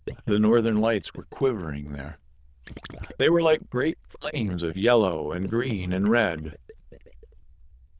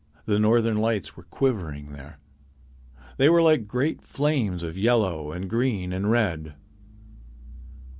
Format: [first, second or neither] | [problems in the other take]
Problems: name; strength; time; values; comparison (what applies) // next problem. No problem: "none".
second | noise reduction (neural diffusion model UNIVERSE++)